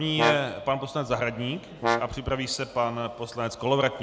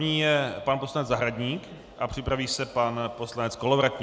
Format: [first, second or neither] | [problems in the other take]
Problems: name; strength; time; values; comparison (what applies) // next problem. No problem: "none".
second | background sound (Brass instrument); 3 dB below the speech